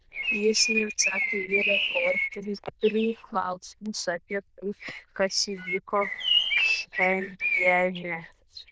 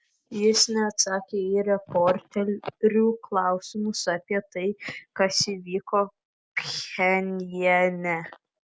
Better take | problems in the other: second | noise reduction (neural diffusion model UNIVERSE++)

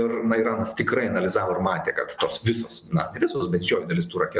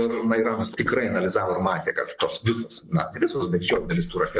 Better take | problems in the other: first | noise reduction (neural mask model Resemble Enhance denoiser)

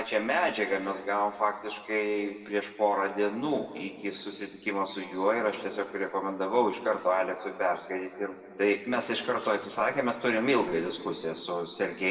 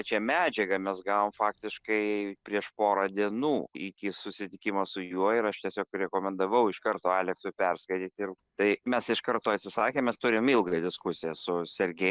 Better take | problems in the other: second | room echo; dies away in 2 s

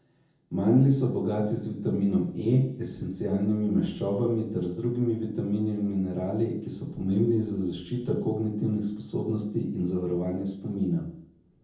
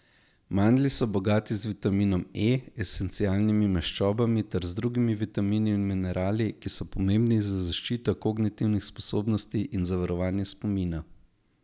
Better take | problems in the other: second | room echo; dies away in 0.7 s

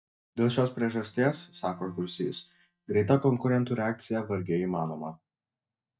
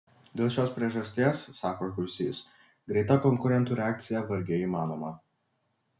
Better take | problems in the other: second | noise reduction (neural mask model DeepFilterNet 3)

